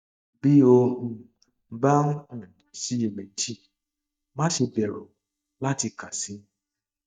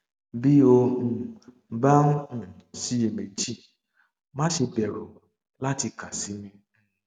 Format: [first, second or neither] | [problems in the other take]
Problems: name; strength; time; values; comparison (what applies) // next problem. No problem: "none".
second | noise reduction (neural mask model DeepFilterNet 3)